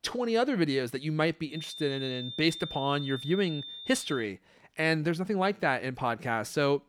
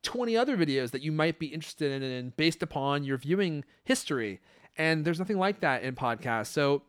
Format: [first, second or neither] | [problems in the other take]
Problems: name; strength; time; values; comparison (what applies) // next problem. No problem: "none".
second | high-pitched whine; loud; from 1.5 to 4 s; 3.5 kHz, 10 dB below the speech